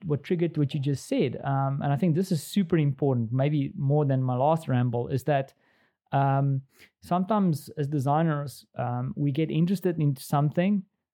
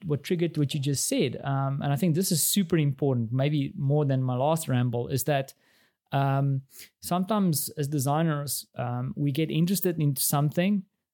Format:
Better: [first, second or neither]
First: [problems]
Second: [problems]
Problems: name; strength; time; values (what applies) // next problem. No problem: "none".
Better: second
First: muffled; very; fading above 4 kHz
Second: none